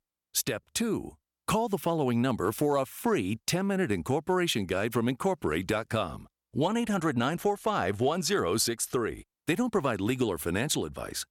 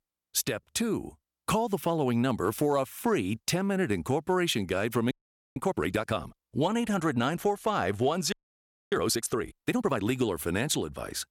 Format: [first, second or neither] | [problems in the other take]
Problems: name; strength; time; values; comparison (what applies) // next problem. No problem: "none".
first | audio freezing; at 5 s and at 8.5 s for 0.5 s